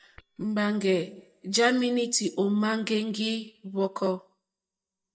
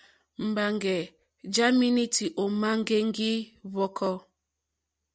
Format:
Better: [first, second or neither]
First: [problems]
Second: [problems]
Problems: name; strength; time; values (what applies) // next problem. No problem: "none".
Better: second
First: noise reduction (neural mask model DeepFilterNet 3)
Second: none